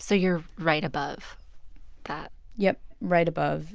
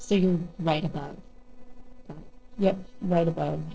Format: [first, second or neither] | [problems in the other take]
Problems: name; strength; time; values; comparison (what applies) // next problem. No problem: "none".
first | noise reduction (neural separator model SepFormer DNS4)